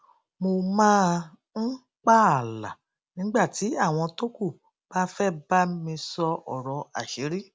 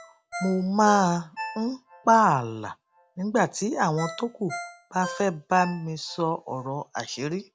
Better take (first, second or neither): first